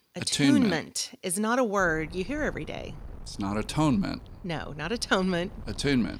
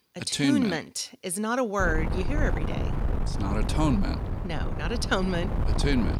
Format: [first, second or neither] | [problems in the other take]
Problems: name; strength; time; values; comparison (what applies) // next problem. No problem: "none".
first | wind noise on the microphone; heavy; from 2 s on; 8 dB below the speech; occasional gusts in the first